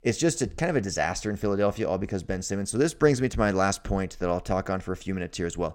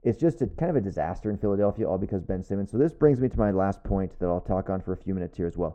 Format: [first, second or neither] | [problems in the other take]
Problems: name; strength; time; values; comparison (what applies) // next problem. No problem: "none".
first | muffled; very; fading above 2 kHz